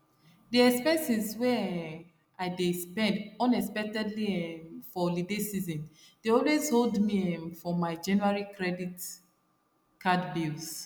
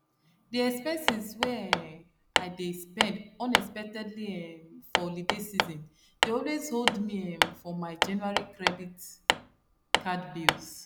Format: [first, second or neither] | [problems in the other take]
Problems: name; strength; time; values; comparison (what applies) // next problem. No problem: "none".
first | background sound (Hammer); 3 dB above the speech